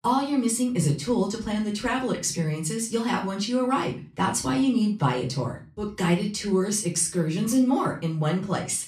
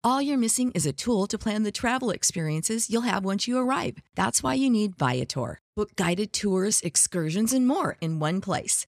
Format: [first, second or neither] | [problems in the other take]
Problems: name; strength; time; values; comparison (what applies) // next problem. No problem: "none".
second | room echo; slight; dies away in 0.3 s // off-mic speech; far